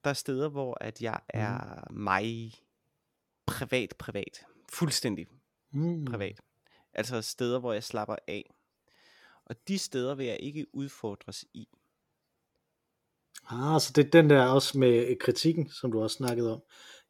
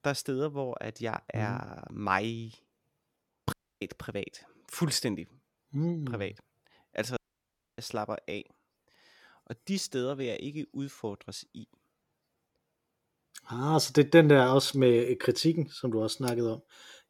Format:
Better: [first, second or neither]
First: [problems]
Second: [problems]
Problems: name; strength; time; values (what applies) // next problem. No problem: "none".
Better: first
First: none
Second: audio cutting out; at 3.5 s and at 7 s for 0.5 s